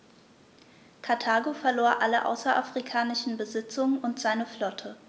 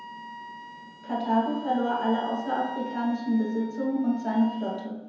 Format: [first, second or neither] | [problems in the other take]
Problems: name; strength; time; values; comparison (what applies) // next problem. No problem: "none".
first | background sound (Wind instrument, woodwind instrument); 14 dB below the speech // room echo; dies away in 0.9 s